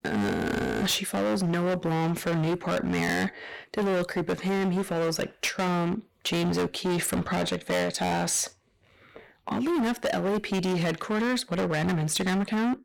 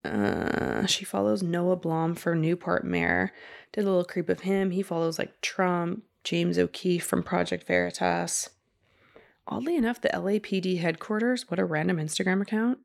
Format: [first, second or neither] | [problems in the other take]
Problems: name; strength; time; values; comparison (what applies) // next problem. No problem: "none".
second | distortion; heavy; 27% of the sound clipped